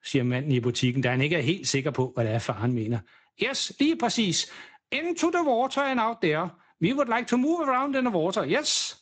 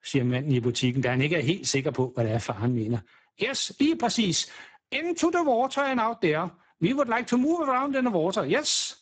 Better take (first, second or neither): first